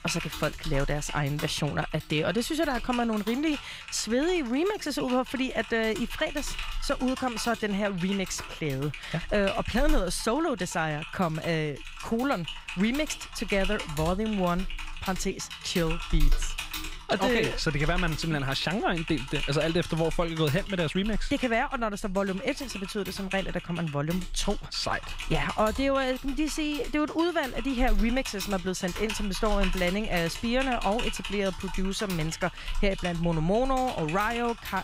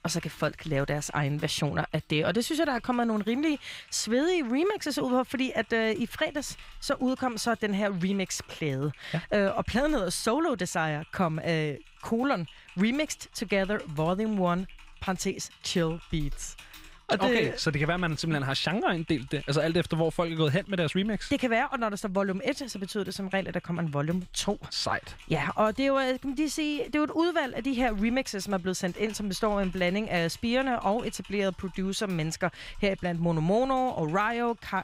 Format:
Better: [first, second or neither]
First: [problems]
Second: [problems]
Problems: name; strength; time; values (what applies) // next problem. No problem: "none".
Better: second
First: household noises; loud; throughout; 9 dB below the speech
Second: household noises; faint; throughout; 25 dB below the speech